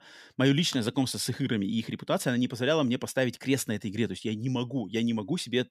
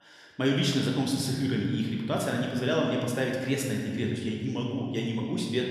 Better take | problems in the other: first | room echo; noticeable; dies away in 1.9 s // off-mic speech; somewhat distant

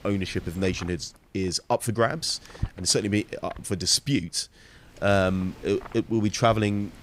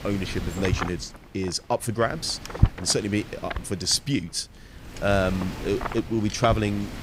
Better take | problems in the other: first | wind noise on the microphone; heavy; 9 dB below the speech; occasional gusts in the first

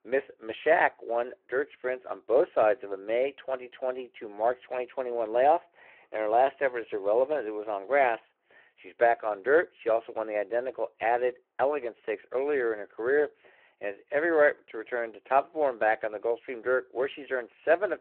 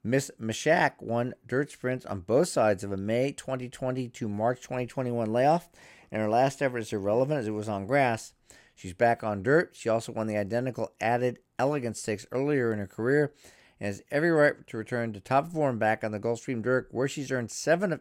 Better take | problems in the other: second | phone-call audio

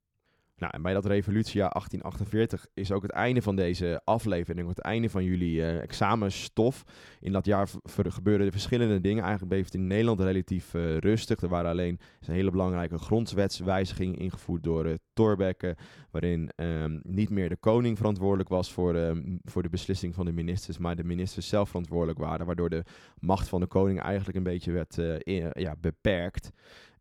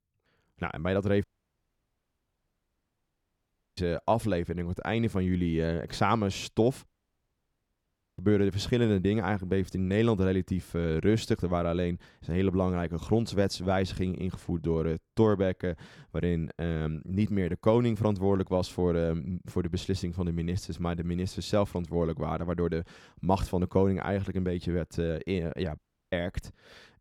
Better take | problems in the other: first | audio cutting out; at 1 s for 2.5 s, at 7 s for 1.5 s and at 26 s

